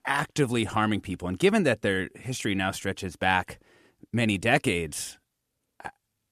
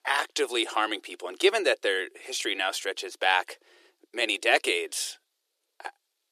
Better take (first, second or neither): first